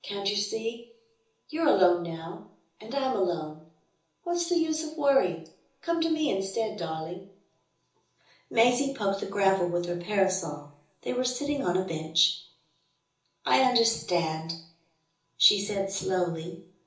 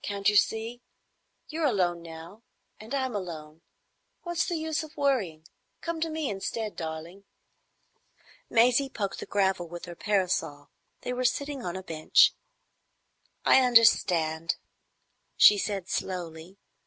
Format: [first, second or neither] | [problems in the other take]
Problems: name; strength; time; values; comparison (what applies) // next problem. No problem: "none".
second | room echo; dies away in 0.7 s